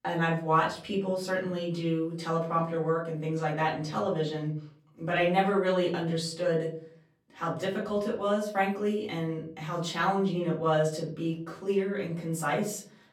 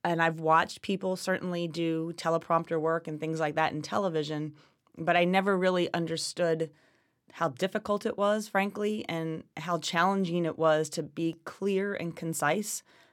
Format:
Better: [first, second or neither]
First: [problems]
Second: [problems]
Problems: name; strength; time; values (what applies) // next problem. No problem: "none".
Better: second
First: off-mic speech; far // room echo; slight; dies away in 0.5 s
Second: none